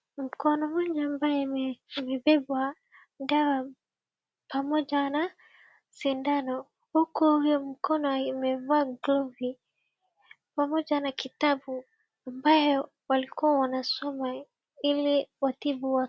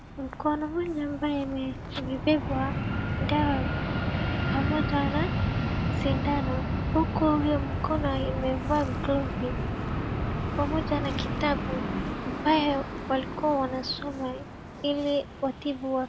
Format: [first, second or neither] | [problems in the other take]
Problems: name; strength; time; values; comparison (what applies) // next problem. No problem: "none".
first | background sound (Fixed-wing aircraft, airplane); 1 dB below the speech